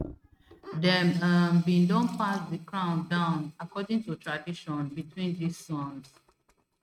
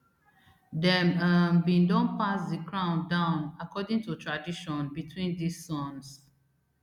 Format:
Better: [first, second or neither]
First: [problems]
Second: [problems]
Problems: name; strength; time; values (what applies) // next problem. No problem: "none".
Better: second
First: noise reduction (neural mask model RNNoise)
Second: none